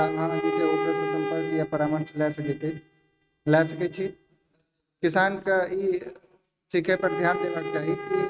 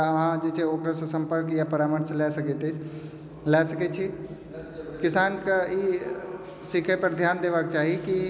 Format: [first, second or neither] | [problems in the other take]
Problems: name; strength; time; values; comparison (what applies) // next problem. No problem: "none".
second | noise reduction (neural mask model RNNoise)